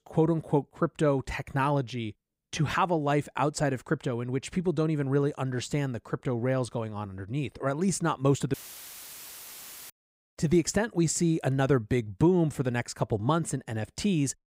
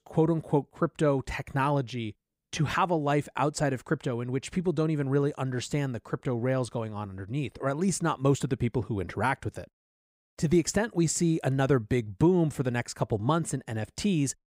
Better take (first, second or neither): second